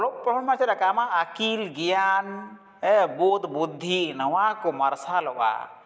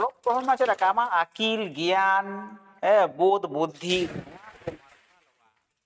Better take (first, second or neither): first